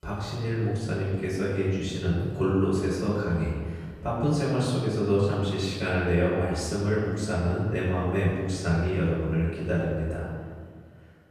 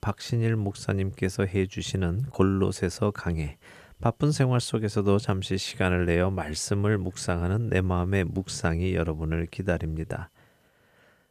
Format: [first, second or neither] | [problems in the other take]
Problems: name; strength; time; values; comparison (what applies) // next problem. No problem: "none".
second | room echo; strong; dies away in 1.6 s // off-mic speech; far